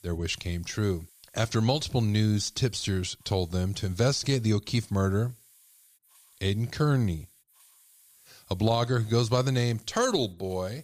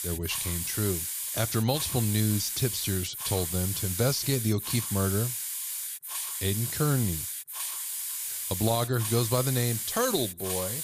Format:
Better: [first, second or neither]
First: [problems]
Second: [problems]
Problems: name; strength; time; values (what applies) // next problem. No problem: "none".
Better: first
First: hiss; faint; throughout; 30 dB below the speech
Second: hiss; loud; throughout; 2 dB below the speech